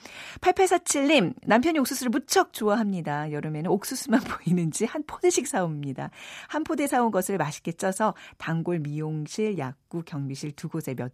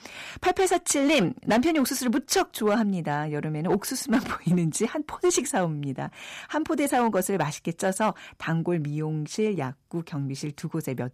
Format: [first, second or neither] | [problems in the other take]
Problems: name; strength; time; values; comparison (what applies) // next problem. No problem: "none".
first | distortion; slight; 4% of the sound clipped